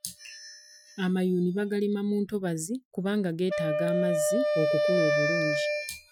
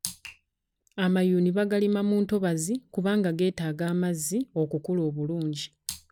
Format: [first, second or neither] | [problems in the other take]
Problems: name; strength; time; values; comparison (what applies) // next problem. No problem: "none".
second | noise reduction (classical method Wiener filter)